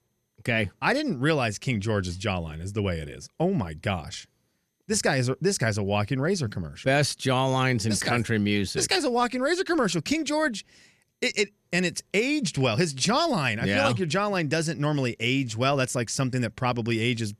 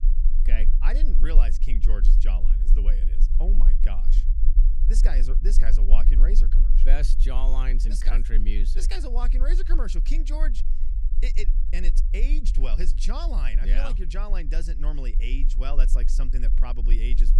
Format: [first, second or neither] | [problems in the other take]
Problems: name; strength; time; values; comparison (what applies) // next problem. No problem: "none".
first | low rumble; noticeable; throughout; 10 dB below the speech